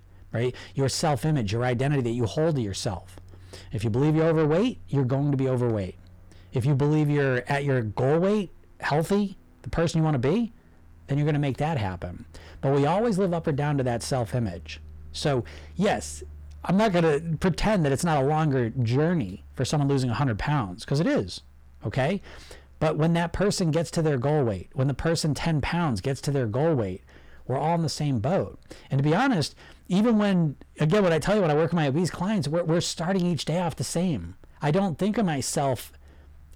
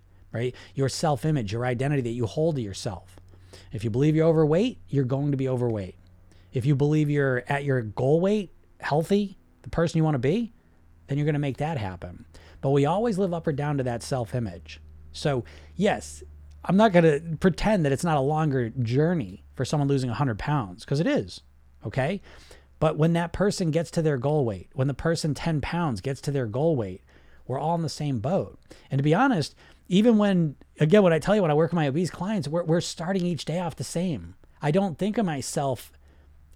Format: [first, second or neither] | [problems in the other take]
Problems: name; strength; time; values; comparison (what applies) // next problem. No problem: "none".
second | distortion; slight; 10 dB below the speech